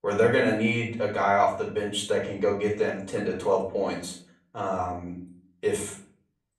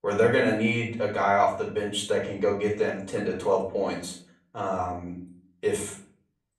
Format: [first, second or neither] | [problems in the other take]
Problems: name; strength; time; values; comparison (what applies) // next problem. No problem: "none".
neither | off-mic speech; far; the same in both // room echo; slight; dies away in 0.4 s; the same in both